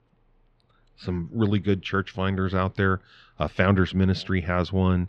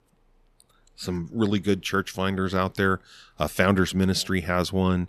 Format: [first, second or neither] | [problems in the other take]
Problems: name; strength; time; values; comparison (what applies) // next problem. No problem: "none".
second | muffled; slightly; fading above 3.5 kHz